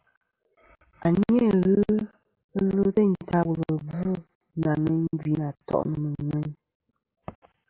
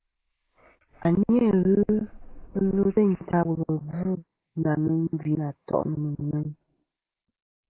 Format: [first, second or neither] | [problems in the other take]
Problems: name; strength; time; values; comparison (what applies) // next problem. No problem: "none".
first | noise reduction (neural mask model Resemble Enhance denoiser)